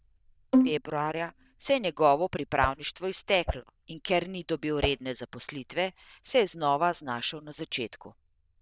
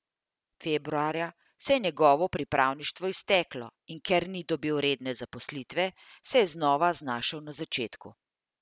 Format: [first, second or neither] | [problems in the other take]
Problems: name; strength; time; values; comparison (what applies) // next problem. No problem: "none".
second | noise reduction (neural diffusion model UNIVERSE++)